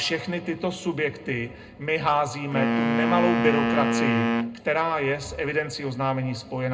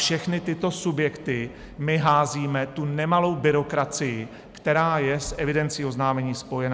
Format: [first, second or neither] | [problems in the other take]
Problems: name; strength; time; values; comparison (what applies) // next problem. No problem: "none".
second | background sound (Wind instrument, woodwind instrument); 1 dB above the speech // room echo; dies away in 0.2 s